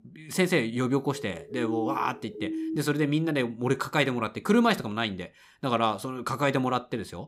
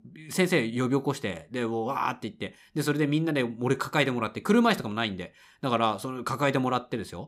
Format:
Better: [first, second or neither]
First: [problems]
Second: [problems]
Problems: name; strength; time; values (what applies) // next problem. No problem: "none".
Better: second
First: siren; noticeable; from 1 to 3 s; peak 5 dB below the speech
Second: none